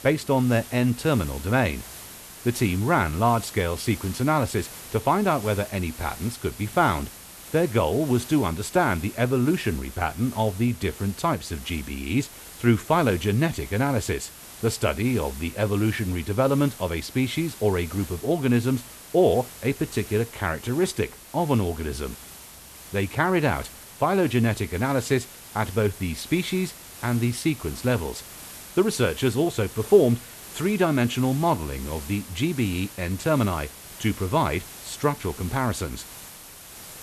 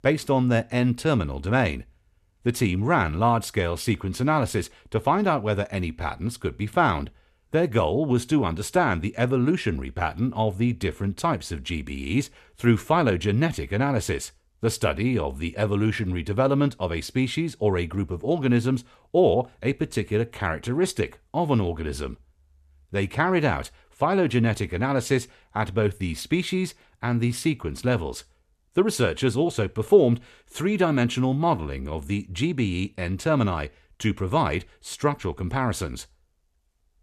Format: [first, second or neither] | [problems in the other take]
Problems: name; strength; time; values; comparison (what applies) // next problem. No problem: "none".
second | hiss; noticeable; throughout; 15 dB below the speech